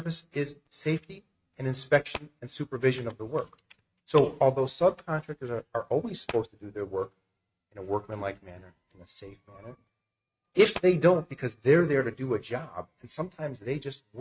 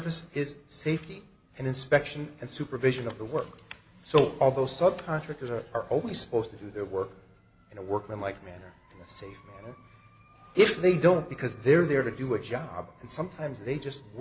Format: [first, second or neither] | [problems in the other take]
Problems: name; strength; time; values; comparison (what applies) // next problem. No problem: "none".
second | noise reduction (neural mask model RNNoise)